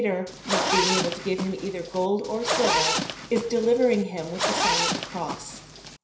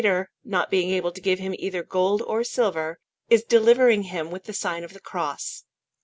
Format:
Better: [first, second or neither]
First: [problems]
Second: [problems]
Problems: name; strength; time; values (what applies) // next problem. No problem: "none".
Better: second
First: background sound (Zipper (clothing)); 1 dB below the speech // room echo; dies away in 0.5 s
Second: none